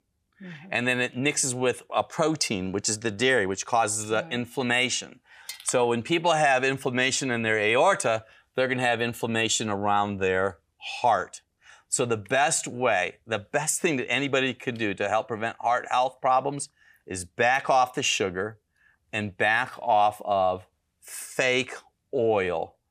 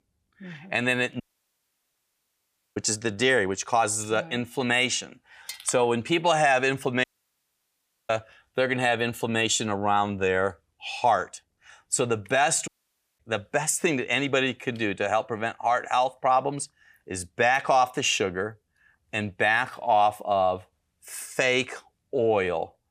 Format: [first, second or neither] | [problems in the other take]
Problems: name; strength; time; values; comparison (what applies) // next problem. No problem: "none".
first | audio cutting out; at 1 s for 1.5 s, at 7 s for 1 s and at 13 s for 0.5 s